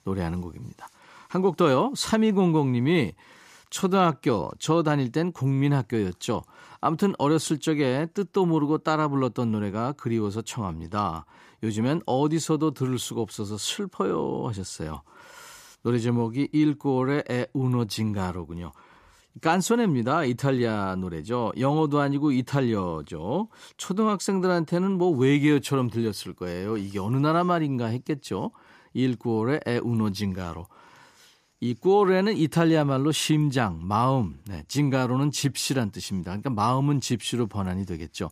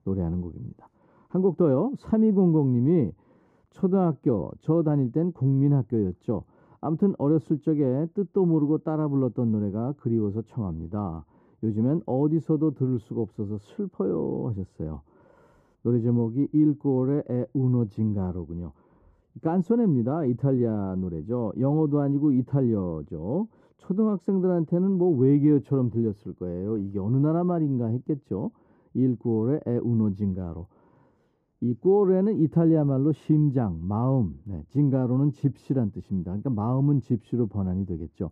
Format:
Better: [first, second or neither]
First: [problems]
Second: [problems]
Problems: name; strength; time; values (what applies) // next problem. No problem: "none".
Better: first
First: none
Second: muffled; very; fading above 1.5 kHz